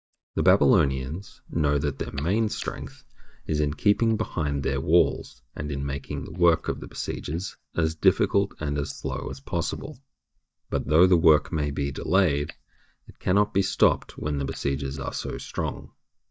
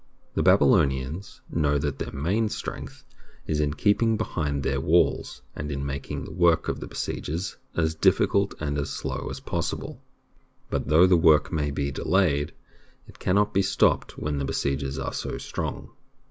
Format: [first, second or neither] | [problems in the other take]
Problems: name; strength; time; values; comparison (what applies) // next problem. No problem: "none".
second | noise reduction (neural mask model DeepFilterNet 3)